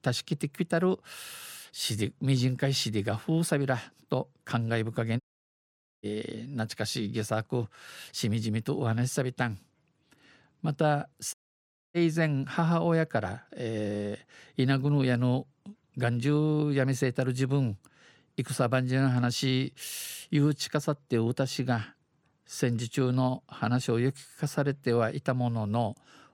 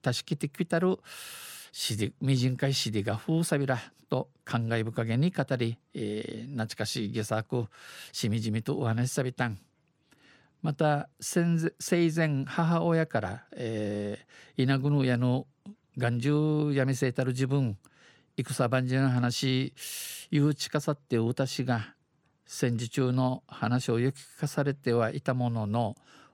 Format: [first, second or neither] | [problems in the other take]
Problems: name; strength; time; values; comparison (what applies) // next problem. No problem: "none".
second | audio cutting out; at 5 s for 1 s and at 11 s for 0.5 s